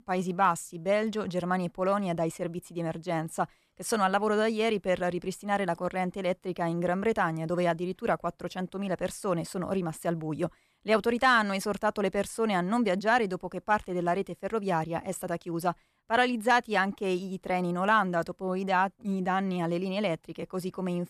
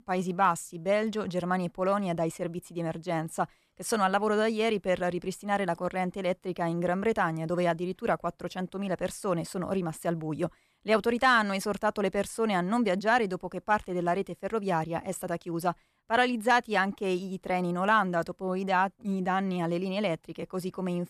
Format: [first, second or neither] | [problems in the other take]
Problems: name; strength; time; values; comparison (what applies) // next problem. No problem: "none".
neither | none